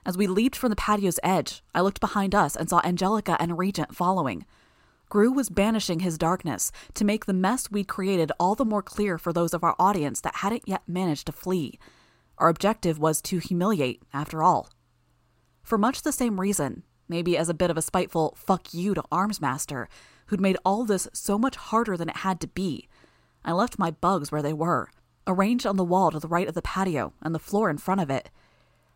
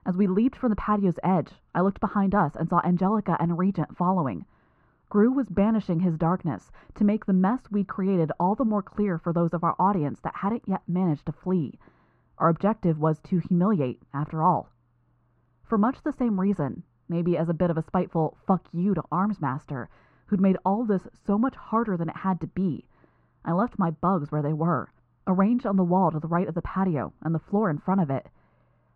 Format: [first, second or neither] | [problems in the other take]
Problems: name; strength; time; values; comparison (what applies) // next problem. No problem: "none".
first | muffled; very; fading above 1.5 kHz